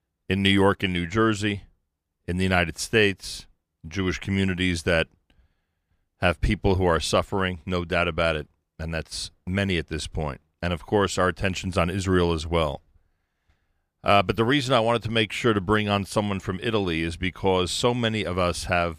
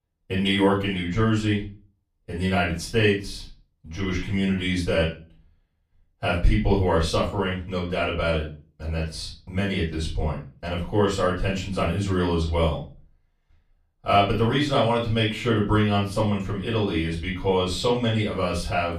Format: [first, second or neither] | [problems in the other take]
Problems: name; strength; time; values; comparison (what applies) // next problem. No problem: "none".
first | off-mic speech; far // room echo; slight; dies away in 0.3 s